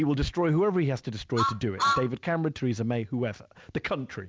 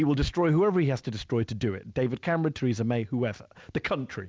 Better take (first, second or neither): second